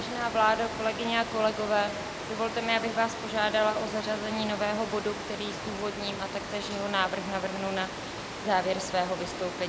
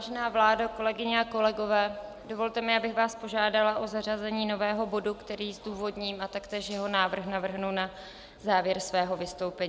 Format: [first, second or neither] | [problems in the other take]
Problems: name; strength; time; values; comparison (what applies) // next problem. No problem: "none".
second | background sound (Water); 7 dB below the speech